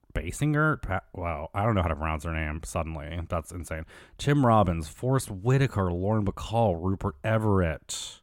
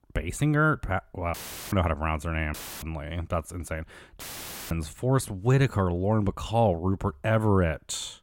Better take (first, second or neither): first